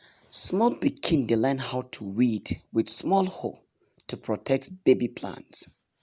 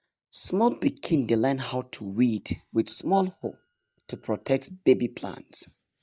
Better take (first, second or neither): first